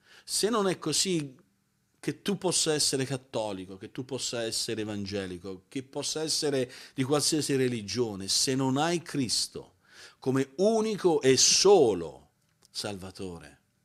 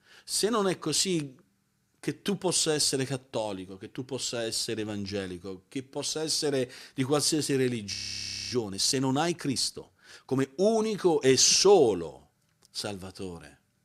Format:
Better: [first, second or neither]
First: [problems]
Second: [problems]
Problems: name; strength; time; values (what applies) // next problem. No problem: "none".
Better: first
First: none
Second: audio freezing; at 8 s for 0.5 s